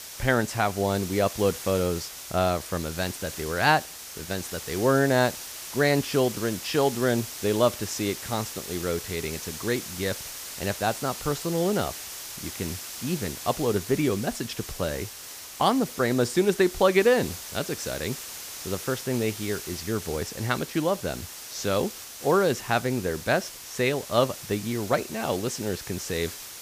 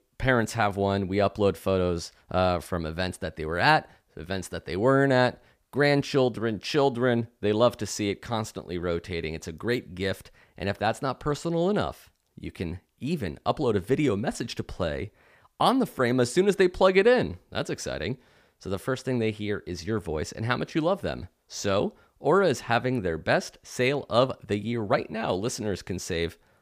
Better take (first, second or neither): second